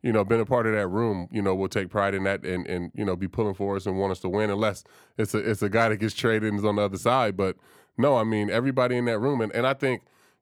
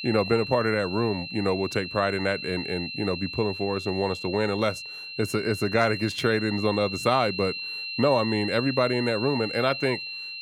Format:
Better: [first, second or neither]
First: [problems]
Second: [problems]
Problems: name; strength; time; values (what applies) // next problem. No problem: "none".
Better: first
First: none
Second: high-pitched whine; loud; throughout; 4 kHz, 7 dB below the speech